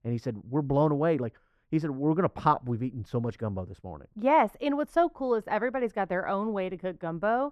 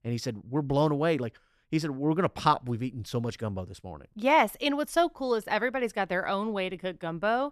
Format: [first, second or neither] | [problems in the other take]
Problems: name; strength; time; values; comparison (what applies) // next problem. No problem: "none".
second | muffled; slightly; fading above 2.5 kHz